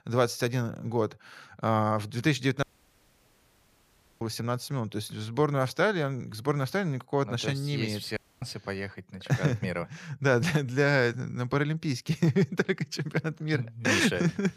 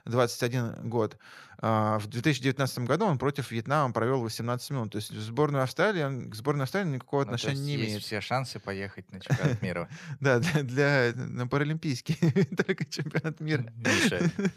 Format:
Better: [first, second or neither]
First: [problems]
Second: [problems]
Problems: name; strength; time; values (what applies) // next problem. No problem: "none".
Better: second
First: audio cutting out; at 2.5 s for 1.5 s and at 8 s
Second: none